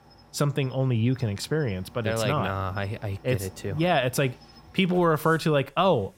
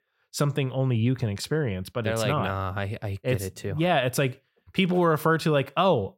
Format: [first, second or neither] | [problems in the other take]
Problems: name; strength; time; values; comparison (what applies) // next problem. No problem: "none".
second | animal sounds; faint; throughout; 25 dB below the speech